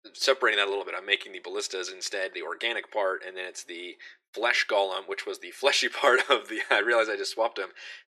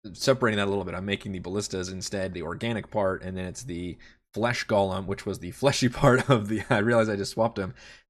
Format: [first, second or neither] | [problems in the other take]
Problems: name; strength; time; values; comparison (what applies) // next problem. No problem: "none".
second | thin; very; fading below 350 Hz